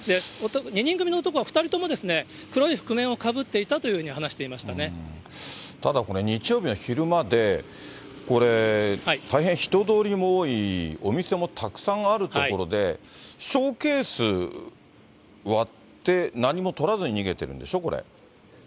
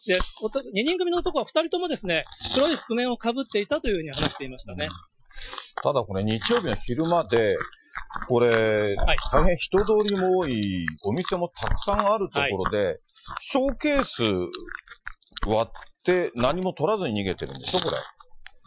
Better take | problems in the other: first | noise reduction (classical method Wiener filter)

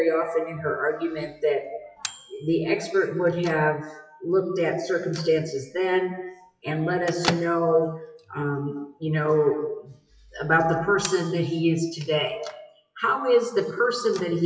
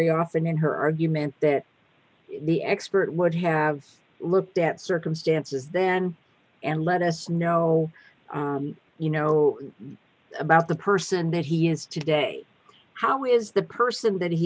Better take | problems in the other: second | noise reduction (classical method WPE with log-MMSE)

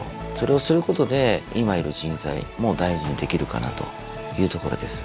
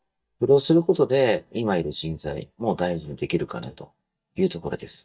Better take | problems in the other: first | noise reduction (neural mask model DeepFilterNet 3)

